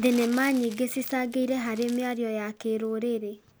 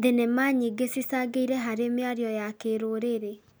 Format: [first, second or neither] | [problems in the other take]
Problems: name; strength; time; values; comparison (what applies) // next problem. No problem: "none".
second | background sound (Crumpling, crinkling); 20 dB below the speech